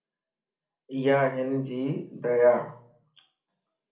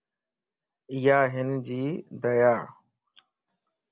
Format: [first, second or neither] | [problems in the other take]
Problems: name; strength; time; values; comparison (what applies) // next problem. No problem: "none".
second | room echo; dies away in 0.4 s